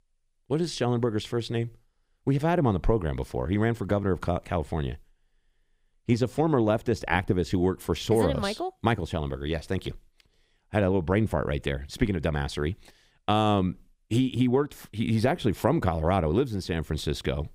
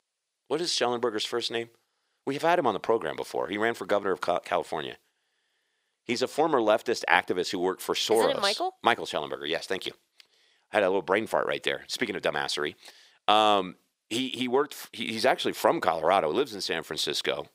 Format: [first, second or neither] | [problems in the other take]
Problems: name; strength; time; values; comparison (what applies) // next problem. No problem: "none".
first | thin; somewhat; fading below 500 Hz